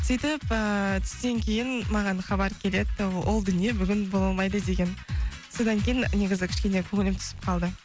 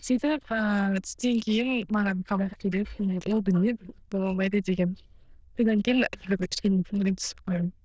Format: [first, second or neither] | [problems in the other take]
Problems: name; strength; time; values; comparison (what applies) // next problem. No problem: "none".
first | noise reduction (neural diffusion model UNIVERSE++)